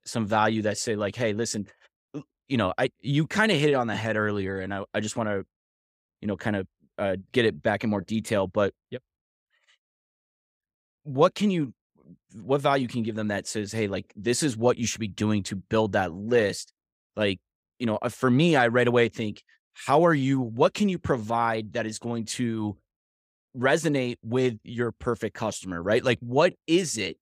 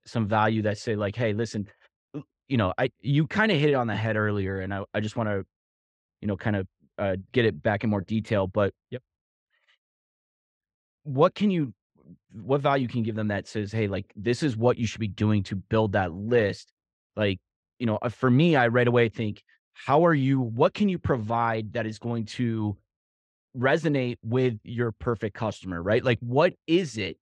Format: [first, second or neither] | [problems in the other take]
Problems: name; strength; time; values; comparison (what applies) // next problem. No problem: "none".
first | muffled; slightly; fading above 3.5 kHz